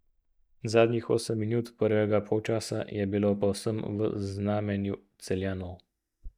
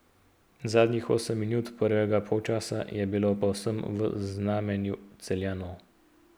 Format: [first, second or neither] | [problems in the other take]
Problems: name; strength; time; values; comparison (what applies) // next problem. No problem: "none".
second | noise reduction (neural mask model DeepFilterNet 3)